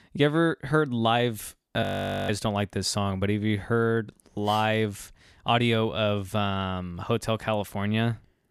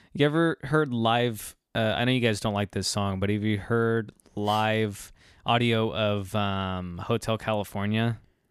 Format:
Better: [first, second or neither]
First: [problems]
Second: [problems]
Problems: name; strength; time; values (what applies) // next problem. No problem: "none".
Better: second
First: audio freezing; at 2 s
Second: none